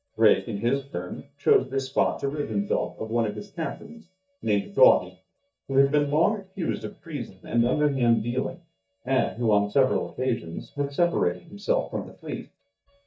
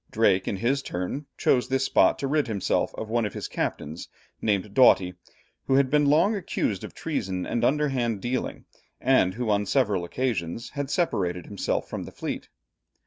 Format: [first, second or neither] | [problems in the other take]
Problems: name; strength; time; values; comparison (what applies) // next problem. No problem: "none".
second | noise reduction (neural mask model DeepFilterNet 3)